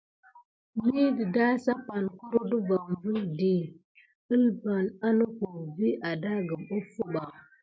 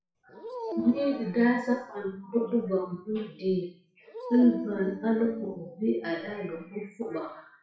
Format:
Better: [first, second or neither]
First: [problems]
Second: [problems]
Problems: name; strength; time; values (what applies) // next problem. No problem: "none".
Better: first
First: none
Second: noise reduction (classical method WPE with log-MMSE)